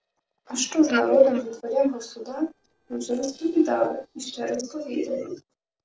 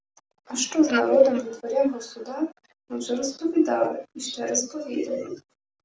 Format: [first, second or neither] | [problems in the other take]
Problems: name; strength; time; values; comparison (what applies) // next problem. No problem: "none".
second | noise reduction (neural separator model SepFormer DNS4)